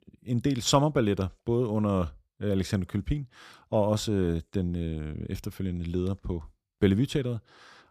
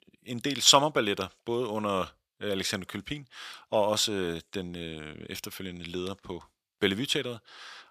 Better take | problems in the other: first | thin; somewhat; fading below 1 kHz

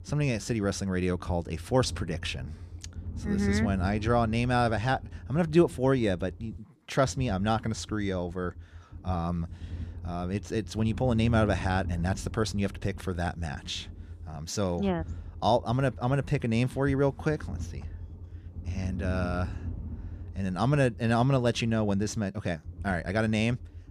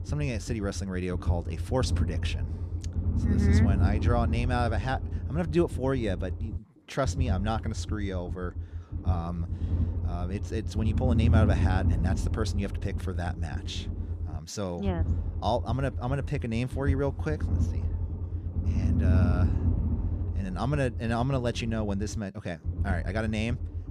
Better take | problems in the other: first | low rumble; loud; throughout; 9 dB below the speech; faint in the first

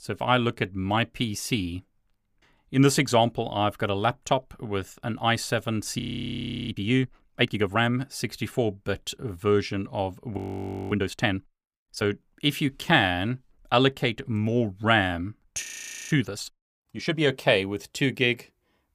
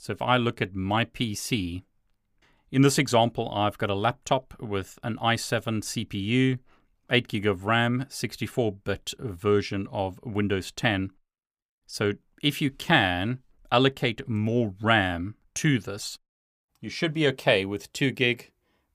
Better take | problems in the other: second | audio freezing; at 6 s for 0.5 s, at 10 s for 0.5 s and at 16 s

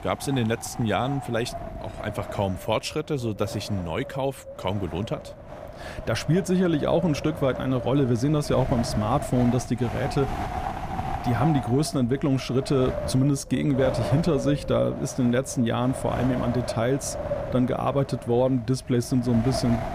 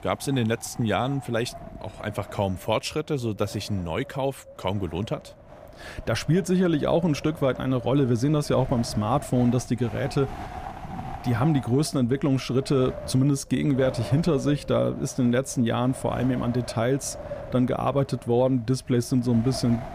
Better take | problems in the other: second | wind noise on the microphone; heavy; 6 dB below the speech; occasional gusts in the second

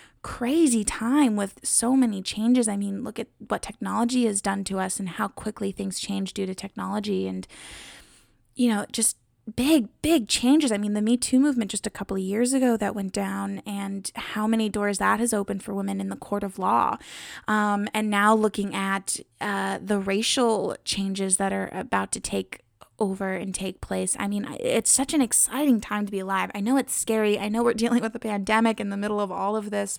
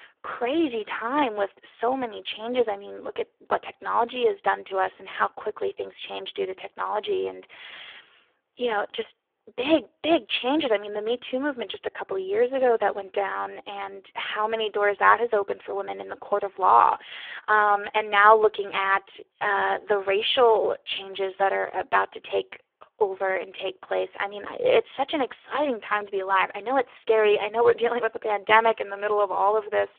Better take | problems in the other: first | phone-call audio; poor line; nothing above 3.5 kHz

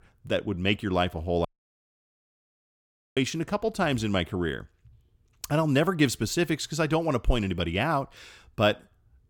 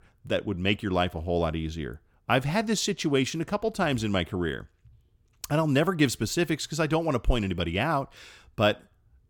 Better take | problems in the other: second | audio cutting out; at 1.5 s for 1.5 s

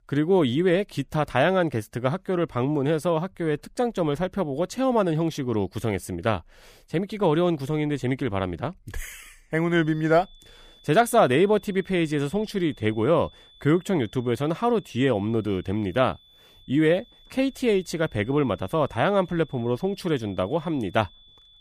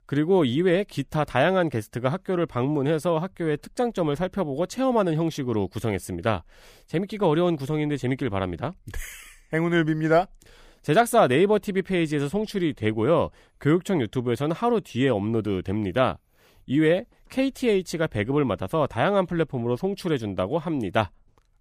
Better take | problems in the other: second | high-pitched whine; faint; from 9.5 s on; 3.5 kHz, 25 dB below the speech

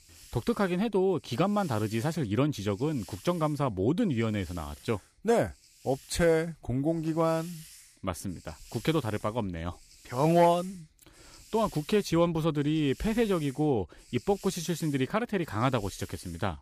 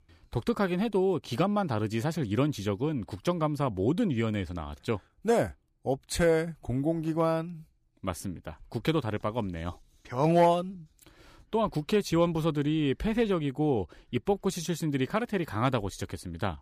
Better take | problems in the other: second | hiss; faint; throughout; 20 dB below the speech

